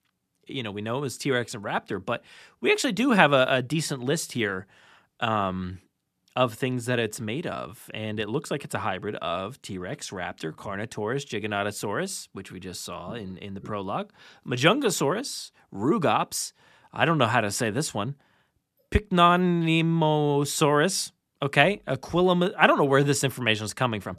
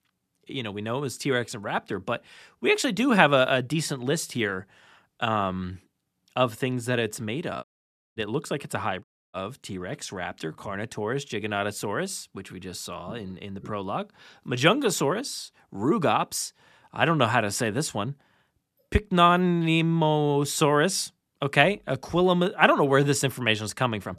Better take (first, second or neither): first